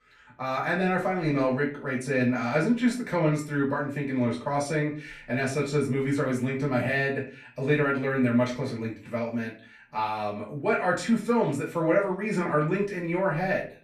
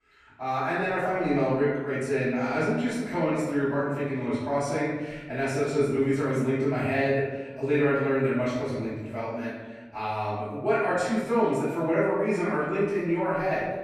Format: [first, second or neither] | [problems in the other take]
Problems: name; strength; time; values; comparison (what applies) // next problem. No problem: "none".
first | room echo; strong; dies away in 1.1 s; slight in the first // off-mic speech; far; far in the first